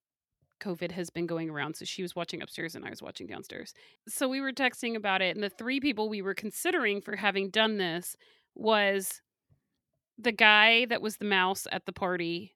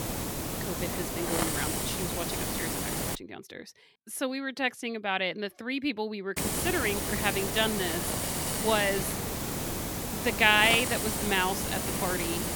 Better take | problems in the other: first | hiss; loud; until 3 s and from 6.5 s on; 1 dB below the speech

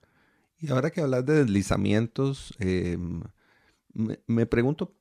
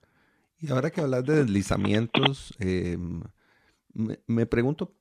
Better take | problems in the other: first | phone ringing; loud; from 1 to 2.5 s; peak 2 dB above the speech

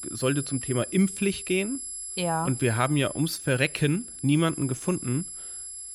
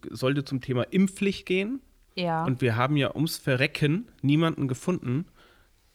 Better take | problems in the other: second | high-pitched whine; loud; throughout; 11 kHz, 9 dB below the speech

